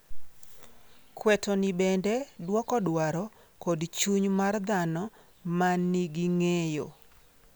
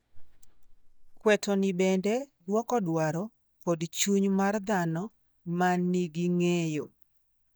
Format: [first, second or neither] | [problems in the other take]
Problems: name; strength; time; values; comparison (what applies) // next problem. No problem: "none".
first | noise reduction (neural mask model DeepFilterNet 3)